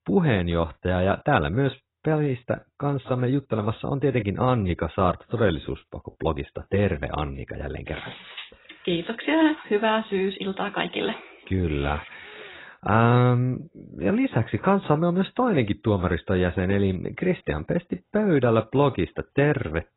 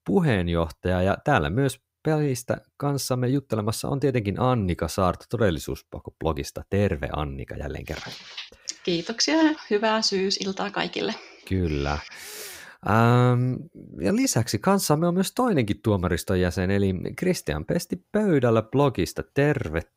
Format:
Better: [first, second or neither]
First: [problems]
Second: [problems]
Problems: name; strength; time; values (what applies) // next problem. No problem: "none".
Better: second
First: garbled, watery; badly; nothing above 4 kHz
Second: none